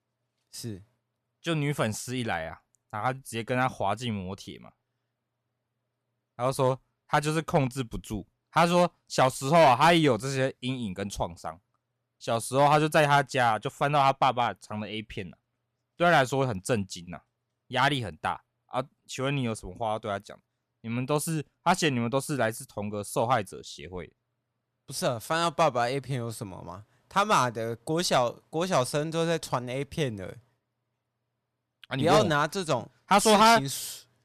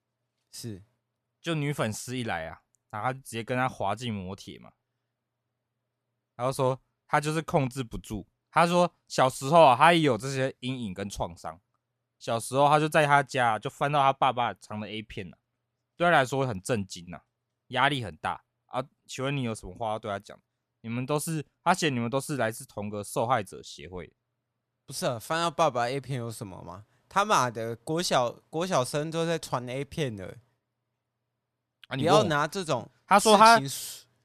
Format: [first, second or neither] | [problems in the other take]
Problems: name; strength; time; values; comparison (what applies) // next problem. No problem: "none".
second | distortion; slight; 1.1% of the sound clipped